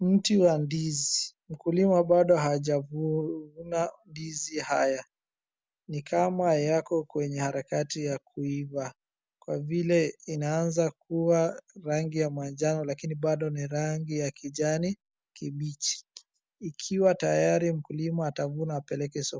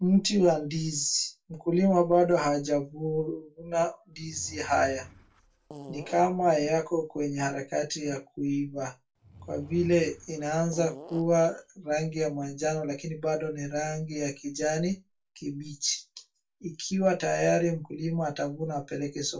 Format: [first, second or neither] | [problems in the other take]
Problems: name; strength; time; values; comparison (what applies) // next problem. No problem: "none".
first | background sound (Fart / Drawer open or close); 18 dB below the speech // room echo; dies away in 0.2 s